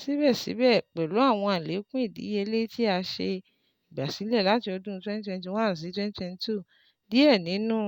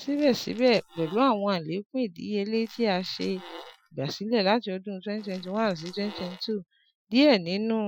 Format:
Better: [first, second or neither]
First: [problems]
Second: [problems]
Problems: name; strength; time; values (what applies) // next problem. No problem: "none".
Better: first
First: none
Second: noise reduction (classical method Wiener filter)